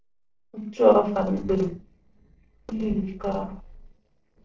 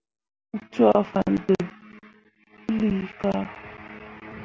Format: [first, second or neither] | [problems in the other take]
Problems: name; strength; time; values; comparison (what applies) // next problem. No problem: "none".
second | noise reduction (neural separator model SepFormer DNS4)